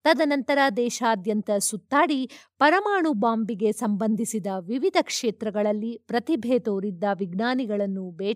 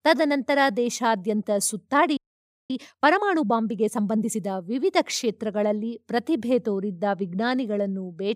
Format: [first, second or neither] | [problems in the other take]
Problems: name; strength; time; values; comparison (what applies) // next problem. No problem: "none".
first | audio freezing; at 2 s for 0.5 s